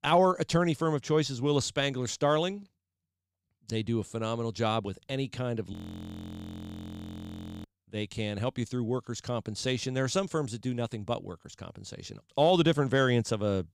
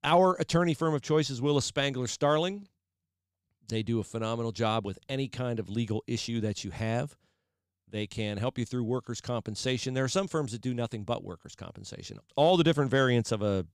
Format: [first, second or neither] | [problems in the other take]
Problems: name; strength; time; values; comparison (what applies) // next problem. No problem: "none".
second | audio freezing; at 5.5 s for 2 s